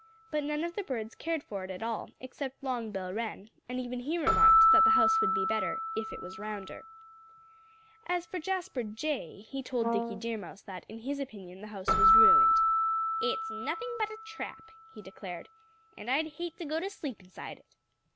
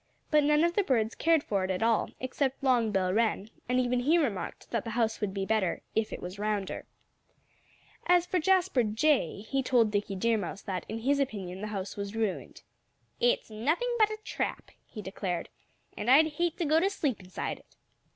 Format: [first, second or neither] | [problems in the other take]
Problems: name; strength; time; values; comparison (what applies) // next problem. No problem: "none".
second | background sound (Brass instrument + Keyboard (musical)); 4 dB above the speech